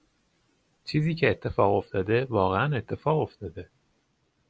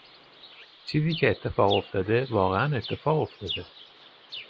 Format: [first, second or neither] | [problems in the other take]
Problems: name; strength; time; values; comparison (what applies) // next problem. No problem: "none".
first | noise reduction (neural mask model Resemble Enhance denoiser)